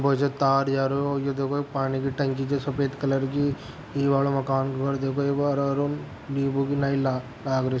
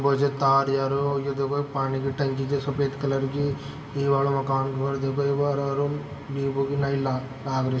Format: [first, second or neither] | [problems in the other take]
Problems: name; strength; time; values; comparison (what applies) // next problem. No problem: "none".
first | room echo; dies away in 2.8 s